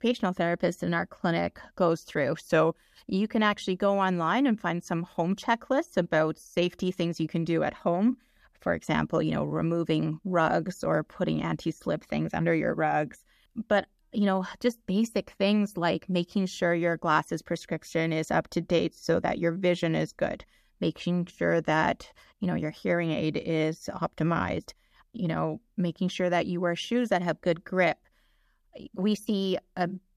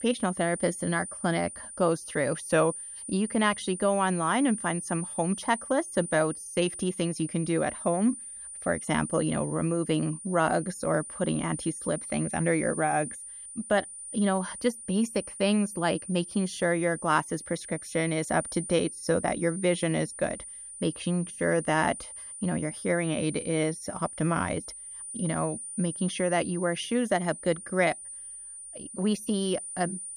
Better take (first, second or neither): first